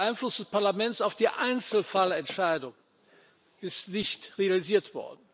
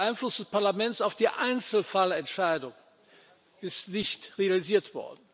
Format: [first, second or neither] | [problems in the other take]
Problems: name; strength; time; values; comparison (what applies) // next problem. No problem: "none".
second | noise reduction (neural mask model Resemble Enhance denoiser)